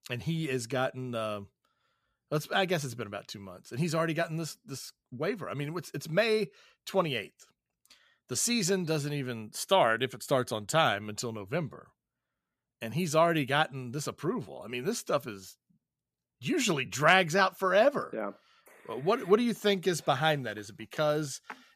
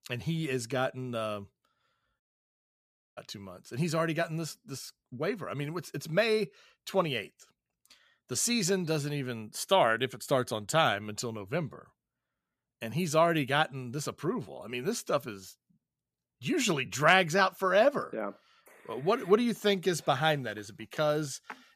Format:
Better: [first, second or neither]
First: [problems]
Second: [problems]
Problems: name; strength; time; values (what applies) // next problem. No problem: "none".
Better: first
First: none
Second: audio cutting out; at 2 s for 1 s